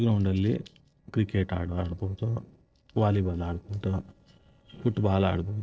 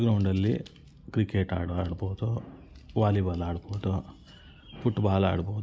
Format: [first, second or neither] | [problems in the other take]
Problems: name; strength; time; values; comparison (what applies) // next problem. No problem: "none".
second | noise reduction (neural separator model SepFormer DNS4)